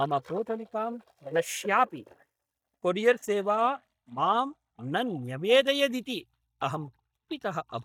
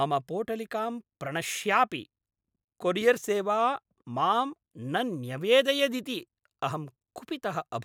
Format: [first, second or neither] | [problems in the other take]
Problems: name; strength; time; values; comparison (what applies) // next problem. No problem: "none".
second | noise reduction (neural mask model DeepFilterNet 3)